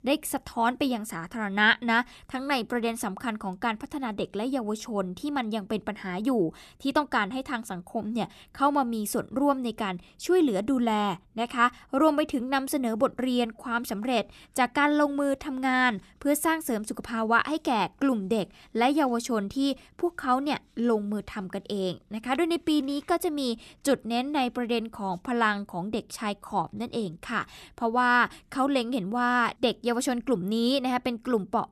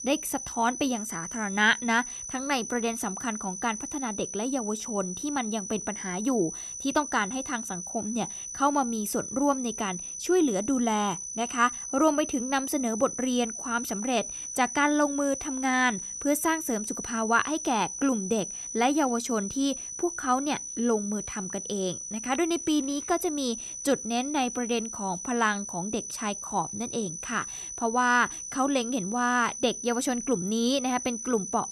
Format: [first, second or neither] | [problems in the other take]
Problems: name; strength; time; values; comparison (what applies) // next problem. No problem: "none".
first | high-pitched whine; loud; throughout; 6 kHz, 6 dB below the speech